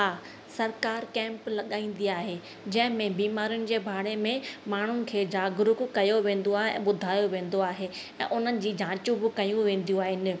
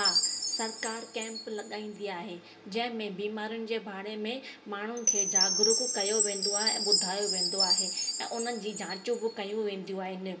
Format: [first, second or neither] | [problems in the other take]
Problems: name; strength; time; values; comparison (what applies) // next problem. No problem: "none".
first | background sound (Chime); 3 dB above the speech // room echo; dies away in 0.2 s